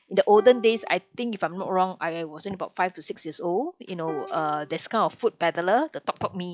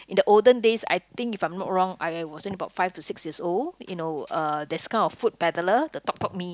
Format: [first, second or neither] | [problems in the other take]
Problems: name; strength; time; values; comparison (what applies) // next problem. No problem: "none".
second | noise reduction (classical method log-MMSE)